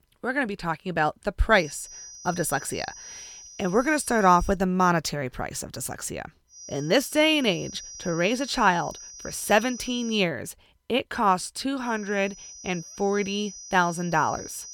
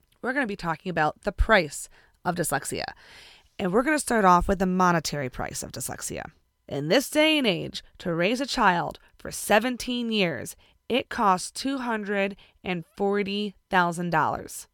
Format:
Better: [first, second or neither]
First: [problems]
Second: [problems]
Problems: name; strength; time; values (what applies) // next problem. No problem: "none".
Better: second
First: high-pitched whine; noticeable; from 1.5 to 4.5 s, from 6.5 to 10 s and from 12 s on; 6 kHz, 15 dB below the speech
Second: none